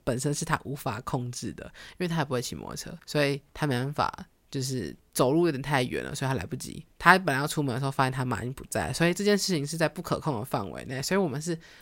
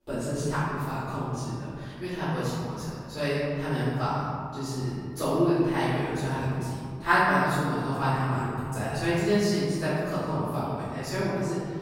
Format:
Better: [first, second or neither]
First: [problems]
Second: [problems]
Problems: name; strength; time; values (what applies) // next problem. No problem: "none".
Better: first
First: none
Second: room echo; strong; dies away in 2.2 s // off-mic speech; far